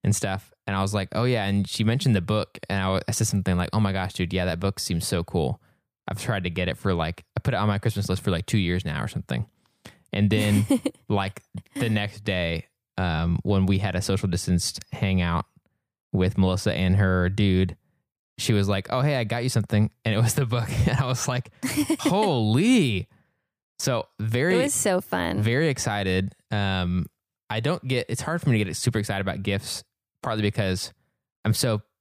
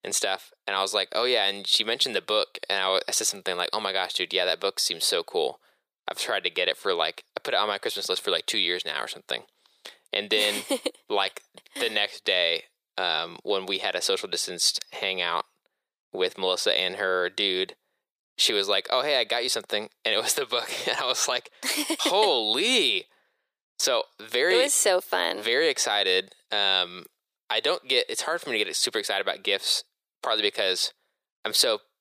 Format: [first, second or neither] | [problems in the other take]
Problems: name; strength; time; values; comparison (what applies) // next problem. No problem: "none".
first | thin; very; fading below 400 Hz